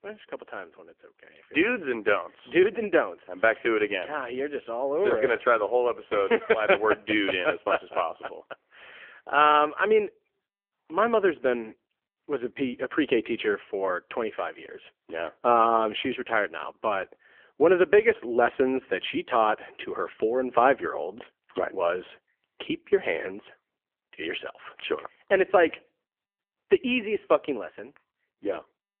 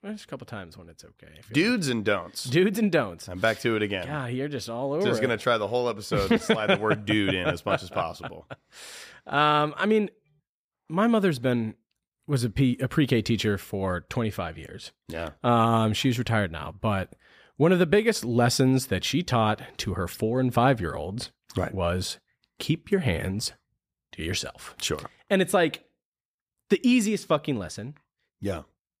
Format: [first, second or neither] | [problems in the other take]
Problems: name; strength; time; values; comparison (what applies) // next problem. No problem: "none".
second | phone-call audio; poor line; nothing above 3.5 kHz